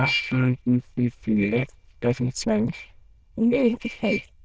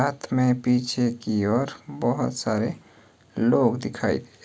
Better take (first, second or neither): second